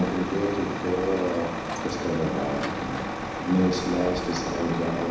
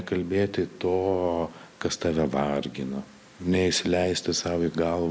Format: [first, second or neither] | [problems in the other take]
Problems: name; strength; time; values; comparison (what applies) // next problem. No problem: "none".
second | background sound (Truck); 4 dB below the speech // room echo; dies away in 1 s